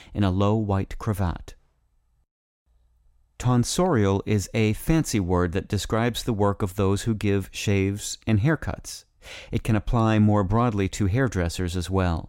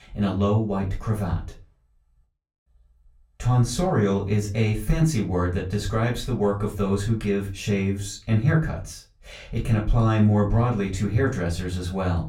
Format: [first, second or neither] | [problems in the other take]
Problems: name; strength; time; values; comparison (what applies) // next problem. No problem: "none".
first | off-mic speech; far // room echo; very slight; dies away in 0.3 s